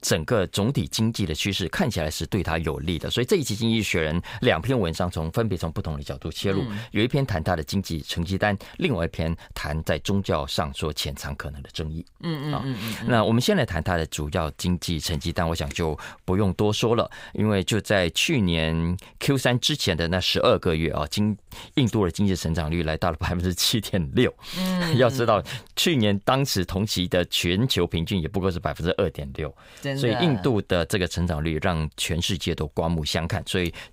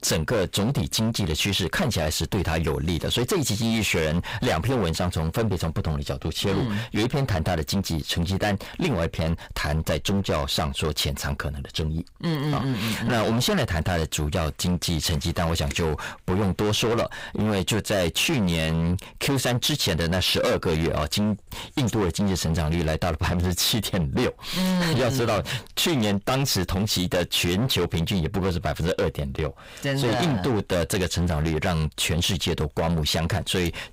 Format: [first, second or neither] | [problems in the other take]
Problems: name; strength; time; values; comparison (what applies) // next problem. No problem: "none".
first | distortion; heavy; 22% of the sound clipped